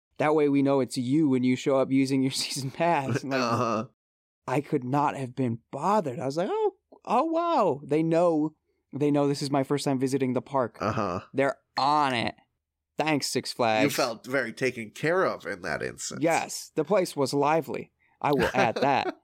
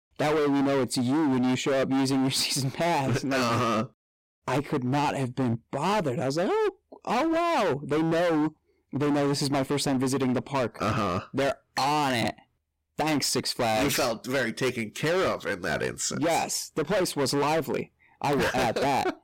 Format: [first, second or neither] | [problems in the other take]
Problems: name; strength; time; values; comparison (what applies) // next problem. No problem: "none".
first | distortion; heavy; 27% of the sound clipped